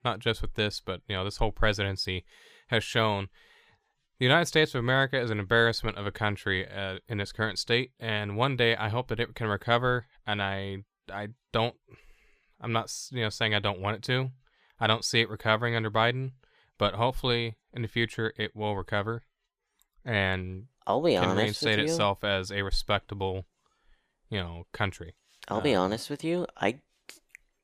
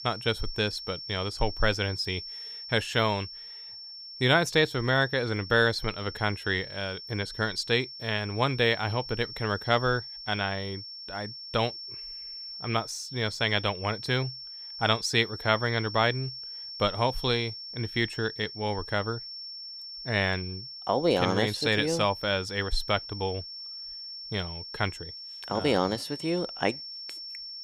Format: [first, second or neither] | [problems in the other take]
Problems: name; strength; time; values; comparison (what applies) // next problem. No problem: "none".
first | high-pitched whine; noticeable; throughout; 5.5 kHz, 10 dB below the speech